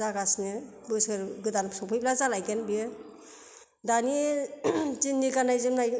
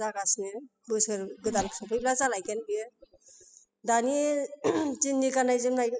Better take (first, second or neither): first